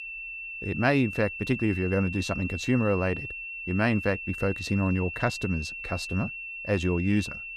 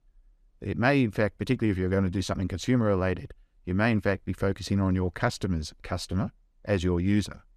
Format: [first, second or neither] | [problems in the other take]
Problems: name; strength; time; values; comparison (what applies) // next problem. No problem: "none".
second | high-pitched whine; loud; throughout; 2.5 kHz, 7 dB below the speech